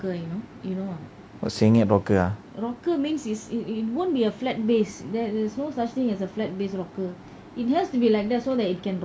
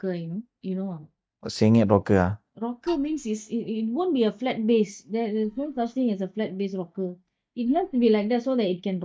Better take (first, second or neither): first